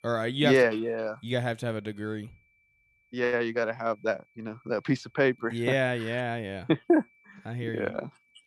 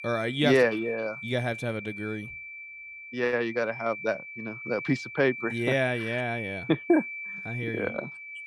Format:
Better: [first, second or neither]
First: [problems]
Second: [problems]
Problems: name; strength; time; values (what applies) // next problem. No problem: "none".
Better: first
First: high-pitched whine; faint; throughout; 2.5 kHz, 35 dB below the speech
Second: high-pitched whine; loud; throughout; 2.5 kHz, 9 dB below the speech